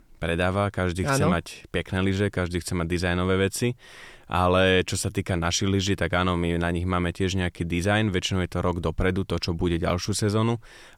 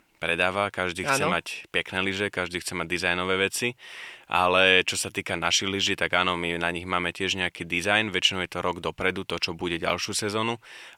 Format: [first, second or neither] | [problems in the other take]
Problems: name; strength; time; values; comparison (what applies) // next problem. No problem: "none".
first | thin; somewhat; fading below 950 Hz